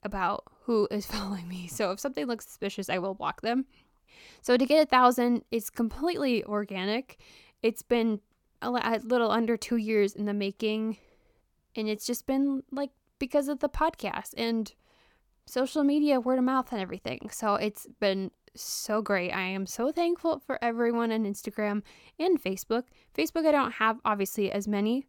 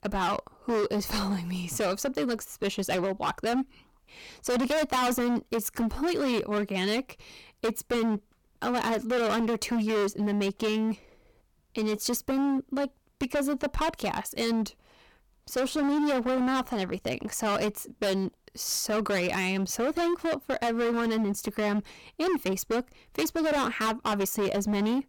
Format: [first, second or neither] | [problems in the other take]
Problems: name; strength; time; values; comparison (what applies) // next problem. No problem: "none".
first | distortion; heavy; 21% of the sound clipped